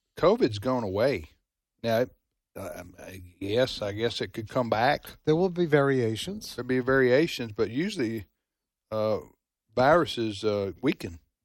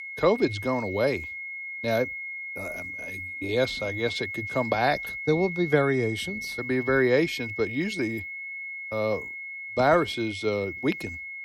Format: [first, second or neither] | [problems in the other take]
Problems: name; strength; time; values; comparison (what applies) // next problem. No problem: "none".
first | high-pitched whine; loud; throughout; 2 kHz, 7 dB below the speech